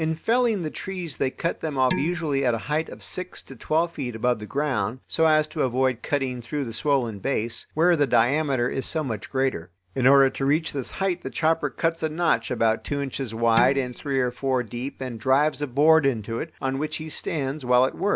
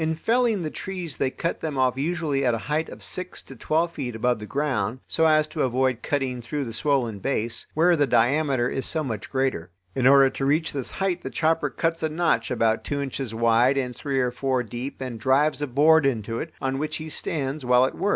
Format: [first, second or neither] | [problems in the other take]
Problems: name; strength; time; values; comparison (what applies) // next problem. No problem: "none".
second | background sound (Dishes, pots, and pans); 11 dB below the speech